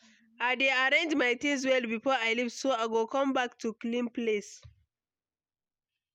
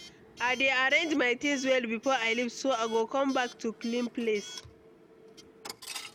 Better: first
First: none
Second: background sound (Coin (dropping) / Alarm); 17 dB below the speech

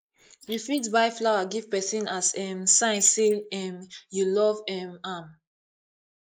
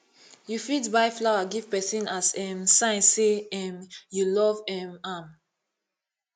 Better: second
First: noise reduction (neural mask model Resemble Enhance denoiser)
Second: none

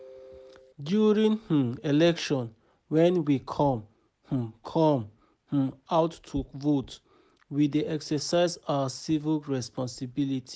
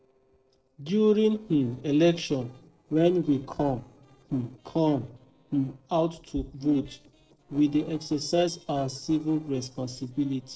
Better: first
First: none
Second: noise reduction (neural separator model SepFormer DNS4)

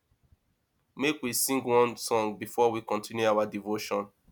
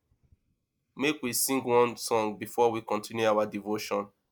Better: first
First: none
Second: noise reduction (neural mask model Resemble Enhance denoiser)

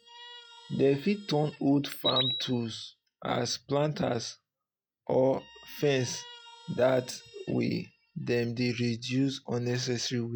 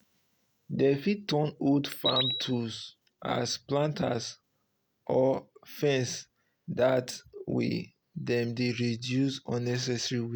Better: second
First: noise reduction (classical method log-MMSE)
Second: none

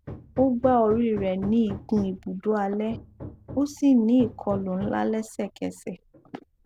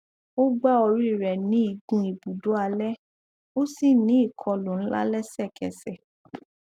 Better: second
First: background sound (Hammer); 15 dB below the speech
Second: none

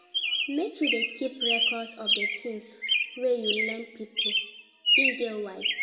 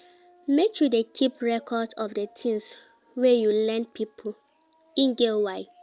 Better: second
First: background sound (Chirp, tweet); 5 dB above the speech // room echo; dies away in 0.8 s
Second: none

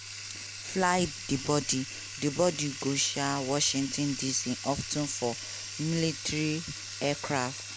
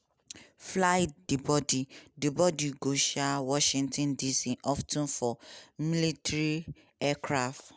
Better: second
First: background sound (Bathtub (filling or washing)); 9 dB below the speech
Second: none

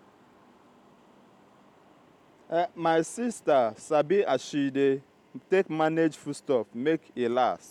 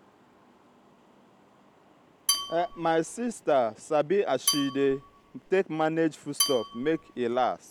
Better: first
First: none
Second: background sound (Dishes, pots, and pans / Glass / Bell); 5 dB below the speech

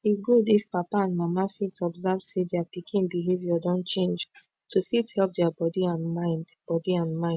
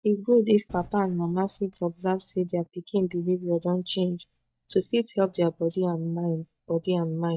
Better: first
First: none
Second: noise reduction (neural mask model DeepFilterNet 3)

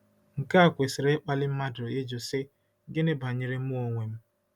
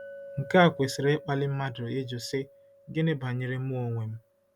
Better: first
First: none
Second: background sound (Chink, clink); 20 dB below the speech

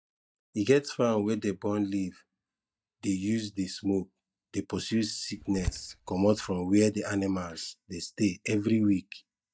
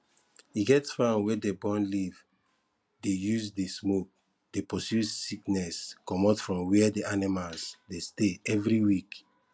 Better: second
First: noise reduction (neural mask model DeepFilterNet 3)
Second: none

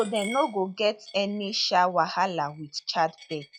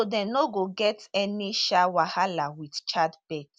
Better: second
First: noise reduction (classical method log-MMSE)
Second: none

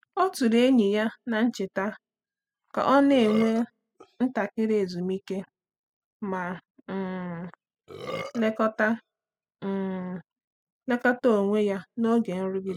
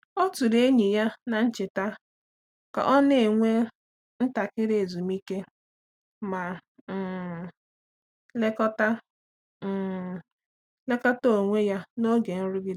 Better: second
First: noise reduction (classical method spectral subtraction)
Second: none

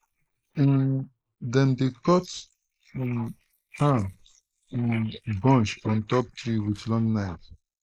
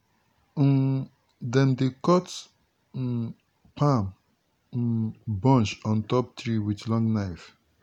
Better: second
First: noise reduction (neural mask model Resemble Enhance denoiser)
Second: none

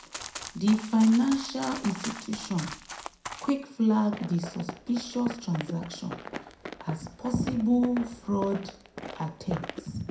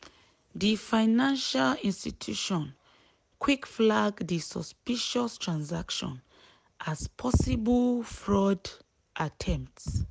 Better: second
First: background sound (Run); 12 dB below the speech // room echo; dies away in 0.4 s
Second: none

